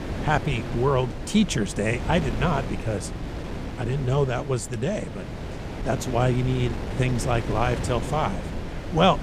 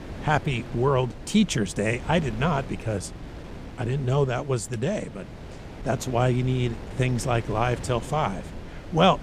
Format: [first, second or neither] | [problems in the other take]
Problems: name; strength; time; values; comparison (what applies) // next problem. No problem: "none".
second | wind noise on the microphone; heavy; 10 dB below the speech; occasional gusts in the second